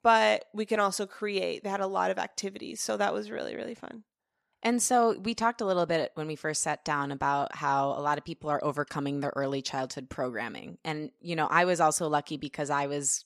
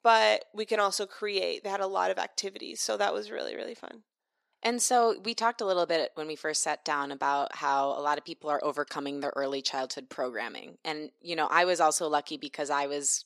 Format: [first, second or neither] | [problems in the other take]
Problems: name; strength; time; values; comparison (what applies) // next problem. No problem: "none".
first | thin; very slightly; fading below 400 Hz